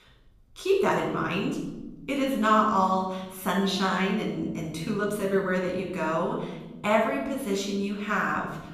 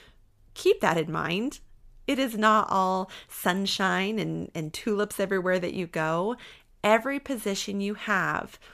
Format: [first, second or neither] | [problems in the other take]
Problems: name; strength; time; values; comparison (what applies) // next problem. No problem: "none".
second | off-mic speech; far // room echo; noticeable; dies away in 1.2 s